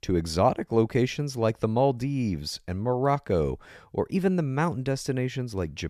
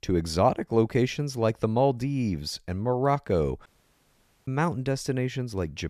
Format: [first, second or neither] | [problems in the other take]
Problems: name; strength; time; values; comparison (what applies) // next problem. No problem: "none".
first | audio cutting out; at 3.5 s for 1 s